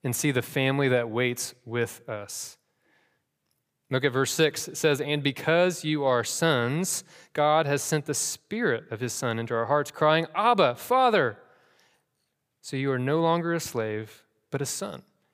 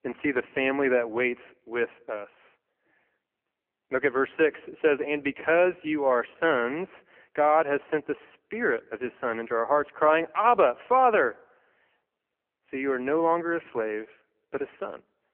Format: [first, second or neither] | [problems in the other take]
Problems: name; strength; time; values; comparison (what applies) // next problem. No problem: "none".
first | phone-call audio; poor line